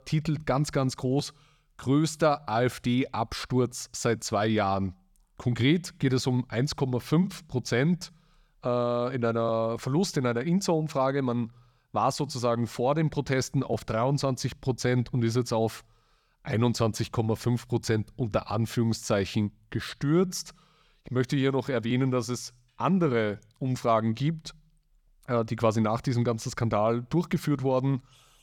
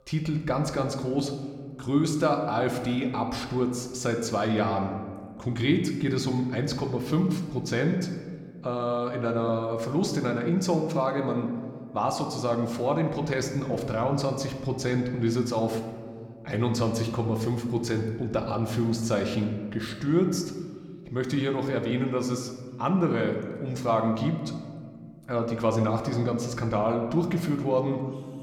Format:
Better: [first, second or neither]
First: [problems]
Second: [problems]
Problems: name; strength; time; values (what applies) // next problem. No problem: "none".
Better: first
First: none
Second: room echo; slight; dies away in 1.2 s